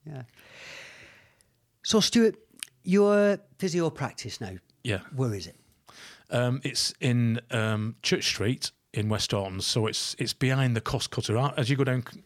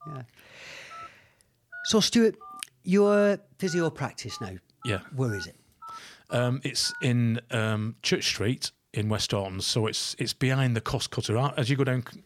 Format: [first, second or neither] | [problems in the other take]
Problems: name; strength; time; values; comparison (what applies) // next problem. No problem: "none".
first | phone ringing; faint; until 7 s; peak 15 dB below the speech